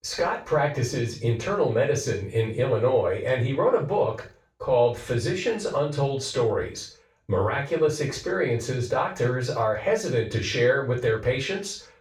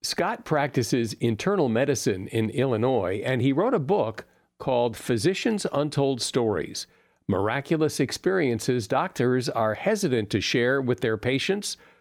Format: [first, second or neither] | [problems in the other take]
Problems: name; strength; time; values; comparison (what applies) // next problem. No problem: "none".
second | room echo; noticeable; dies away in 0.3 s // off-mic speech; far